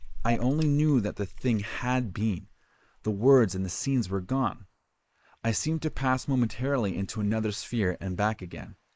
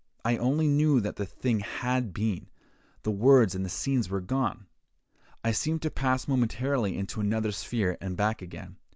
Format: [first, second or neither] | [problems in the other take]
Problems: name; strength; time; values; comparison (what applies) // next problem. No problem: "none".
second | noise reduction (neural mask model Resemble Enhance denoiser)